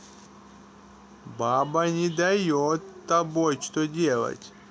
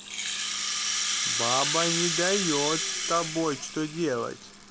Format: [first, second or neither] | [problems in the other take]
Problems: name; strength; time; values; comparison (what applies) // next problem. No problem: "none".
first | background sound (Rattle (instrument)); as loud as the speech